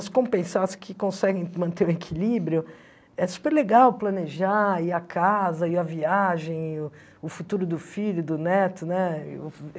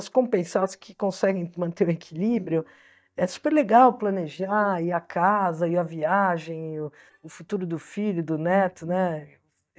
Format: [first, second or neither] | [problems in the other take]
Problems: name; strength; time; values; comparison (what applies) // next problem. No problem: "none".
first | noise reduction (neural mask model DeepFilterNet 3)